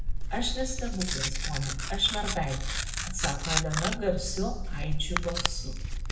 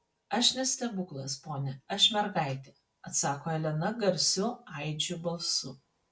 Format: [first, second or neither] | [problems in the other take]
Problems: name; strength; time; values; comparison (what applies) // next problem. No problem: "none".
second | background sound (Tearing); 3 dB above the speech // room echo; dies away in 0.8 s